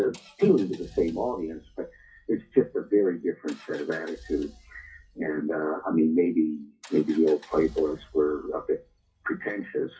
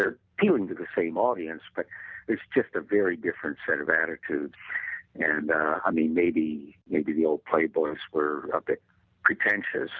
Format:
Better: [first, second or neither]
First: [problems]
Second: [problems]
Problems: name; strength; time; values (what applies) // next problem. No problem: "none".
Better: second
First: noise reduction (classical method WPE with log-MMSE)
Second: none